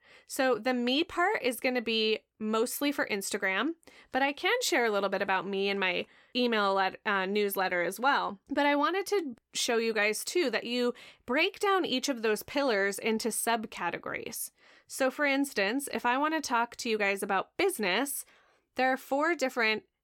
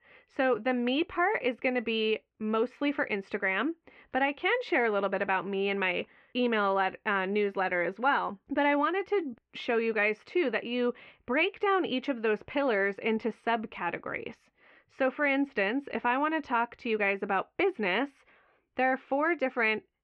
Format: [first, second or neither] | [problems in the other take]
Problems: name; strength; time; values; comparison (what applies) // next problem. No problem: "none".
first | muffled; very; fading above 2.5 kHz